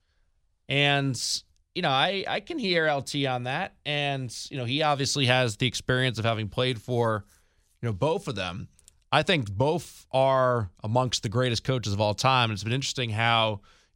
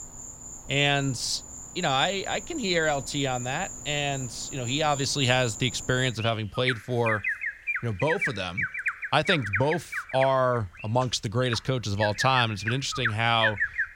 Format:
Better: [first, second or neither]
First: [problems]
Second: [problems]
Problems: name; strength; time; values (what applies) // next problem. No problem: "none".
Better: first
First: none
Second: animal sounds; loud; throughout; 6 dB below the speech